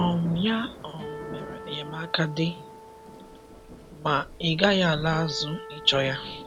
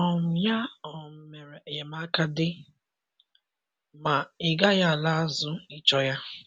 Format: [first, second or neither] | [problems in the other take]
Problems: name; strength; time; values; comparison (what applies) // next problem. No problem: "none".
second | background sound (Thunder / Rain + Acoustic guitar); 12 dB below the speech